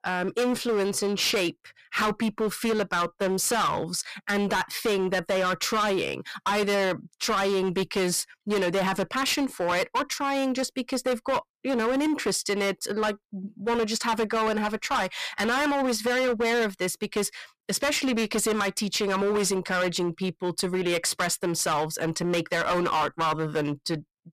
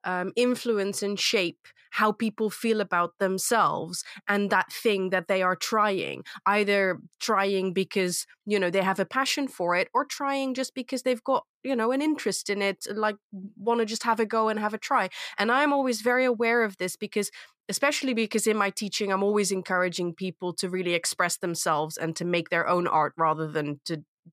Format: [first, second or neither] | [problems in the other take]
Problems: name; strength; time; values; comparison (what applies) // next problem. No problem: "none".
second | distortion; heavy; 19% of the sound clipped